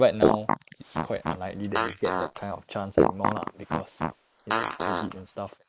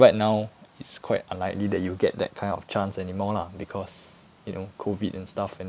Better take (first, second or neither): second